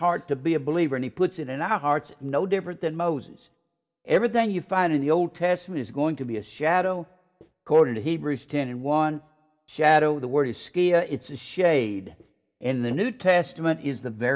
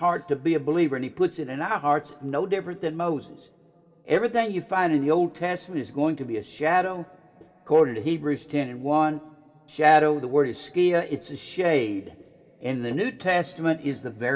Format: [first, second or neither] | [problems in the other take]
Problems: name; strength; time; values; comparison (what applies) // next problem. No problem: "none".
first | room echo; dies away in 1.9 s